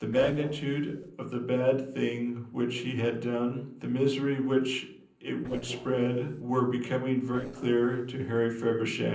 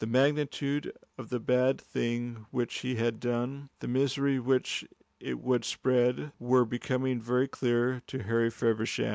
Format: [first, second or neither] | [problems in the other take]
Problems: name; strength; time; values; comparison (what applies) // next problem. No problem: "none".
second | noise reduction (neural separator model SepFormer DNS4)